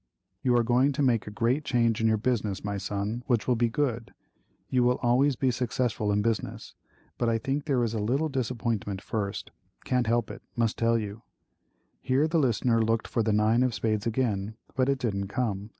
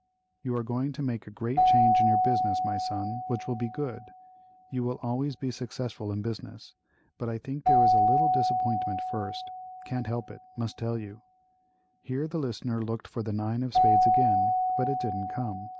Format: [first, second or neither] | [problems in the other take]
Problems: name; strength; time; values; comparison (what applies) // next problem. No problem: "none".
first | background sound (Keyboard (musical)); 4 dB above the speech